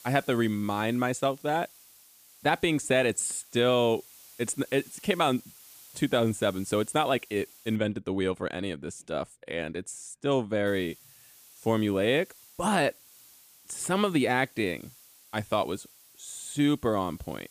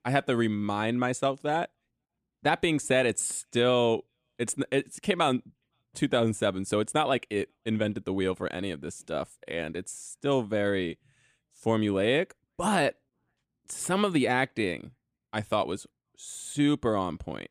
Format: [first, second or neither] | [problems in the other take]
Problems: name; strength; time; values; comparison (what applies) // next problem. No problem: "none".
second | hiss; faint; until 8 s and from 11 s on; 25 dB below the speech